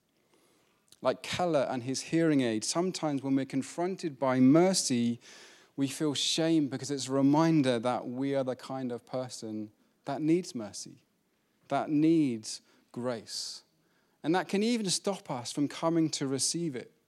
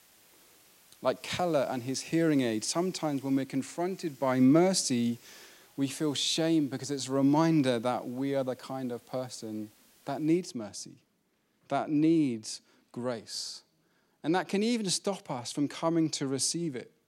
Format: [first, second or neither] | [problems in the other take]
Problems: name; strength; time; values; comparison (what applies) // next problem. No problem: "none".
first | hiss; faint; until 10 s; 25 dB below the speech